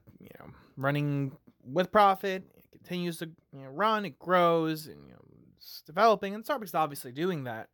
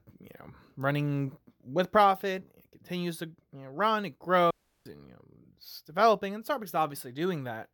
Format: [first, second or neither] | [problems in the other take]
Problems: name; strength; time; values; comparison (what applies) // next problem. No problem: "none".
first | audio cutting out; at 4.5 s